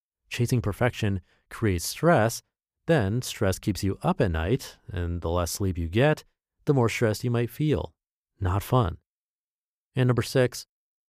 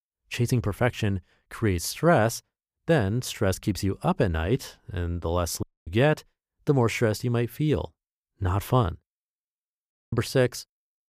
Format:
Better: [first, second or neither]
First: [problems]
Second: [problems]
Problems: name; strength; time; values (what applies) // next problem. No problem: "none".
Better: first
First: none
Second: audio cutting out; at 5.5 s and at 10 s